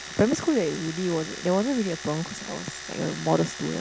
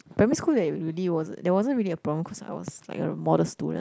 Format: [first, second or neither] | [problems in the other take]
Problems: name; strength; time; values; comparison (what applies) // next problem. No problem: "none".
second | background sound (Domestic sounds, home sounds); 12 dB below the speech